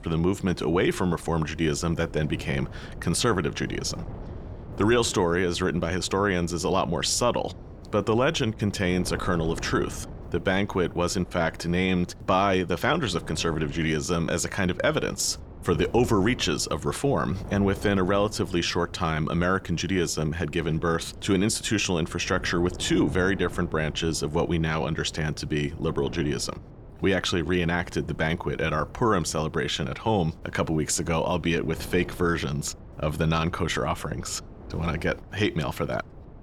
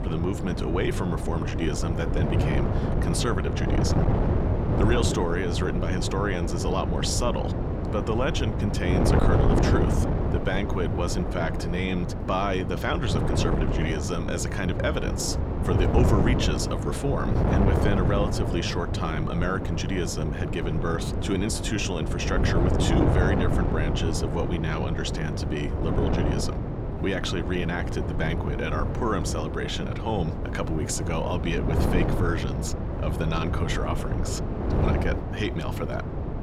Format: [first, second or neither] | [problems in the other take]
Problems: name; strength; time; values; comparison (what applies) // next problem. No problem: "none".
first | wind noise on the microphone; heavy; 2 dB below the speech; occasional gusts in the first